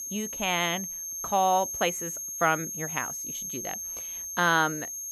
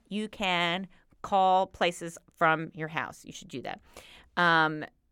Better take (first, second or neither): second